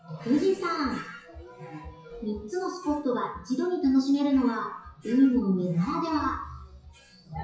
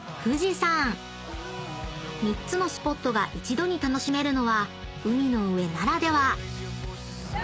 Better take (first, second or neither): second